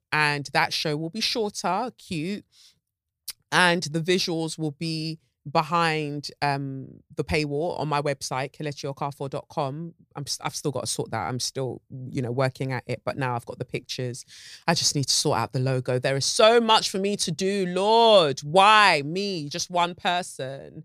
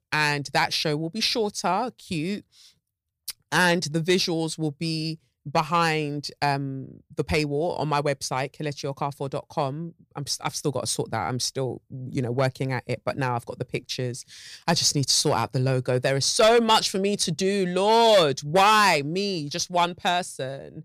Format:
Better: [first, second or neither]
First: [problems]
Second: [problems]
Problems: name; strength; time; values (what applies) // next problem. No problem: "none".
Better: first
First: none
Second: distortion; slight; 1.6% of the sound clipped